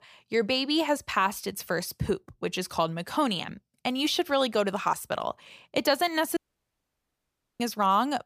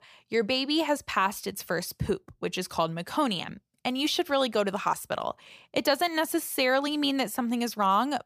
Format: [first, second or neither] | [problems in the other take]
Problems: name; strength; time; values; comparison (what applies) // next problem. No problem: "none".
second | audio cutting out; at 6.5 s for 1 s